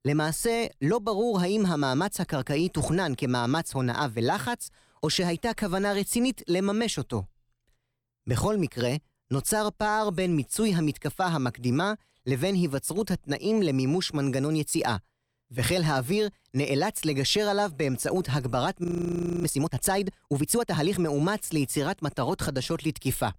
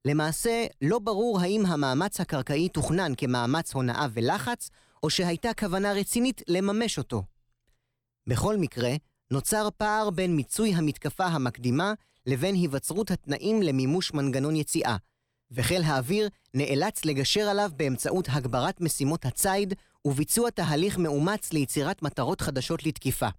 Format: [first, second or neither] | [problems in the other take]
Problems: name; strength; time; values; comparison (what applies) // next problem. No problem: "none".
second | audio freezing; at 19 s for 0.5 s